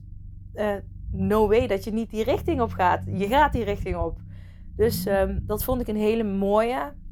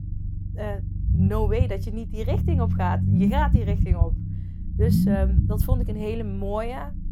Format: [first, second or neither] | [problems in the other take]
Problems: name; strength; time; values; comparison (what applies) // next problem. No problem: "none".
first | low rumble; loud; throughout; 3 dB below the speech; faint in the first